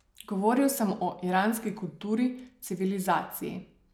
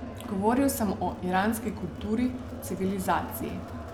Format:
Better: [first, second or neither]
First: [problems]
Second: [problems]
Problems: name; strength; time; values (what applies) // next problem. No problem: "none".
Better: first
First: none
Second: background sound (Crowd); 8 dB below the speech